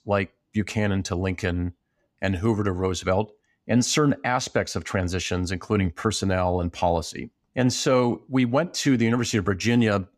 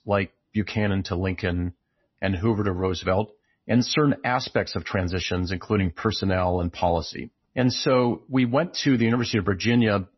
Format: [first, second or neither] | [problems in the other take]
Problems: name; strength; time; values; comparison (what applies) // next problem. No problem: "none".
first | garbled, watery; slightly; nothing above 6 kHz